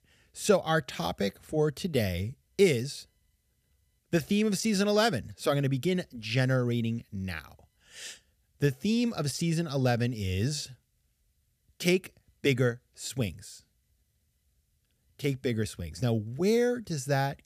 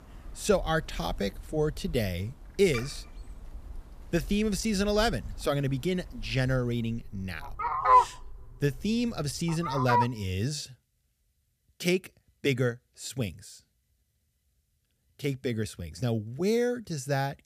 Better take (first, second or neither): first